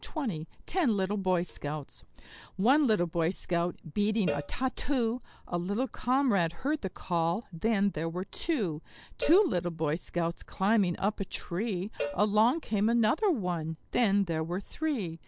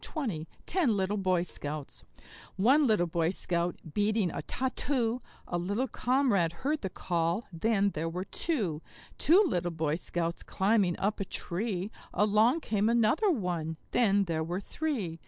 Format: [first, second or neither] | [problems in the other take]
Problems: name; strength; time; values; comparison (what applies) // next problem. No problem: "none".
second | background sound (Cowbell); 13 dB below the speech